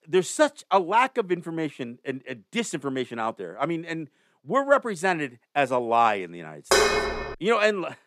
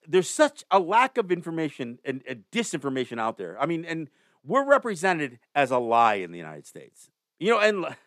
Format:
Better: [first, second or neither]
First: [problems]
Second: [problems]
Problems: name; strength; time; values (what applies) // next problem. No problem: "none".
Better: second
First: clattering dishes; loud; at 6.5 s; peak 5 dB above the speech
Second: none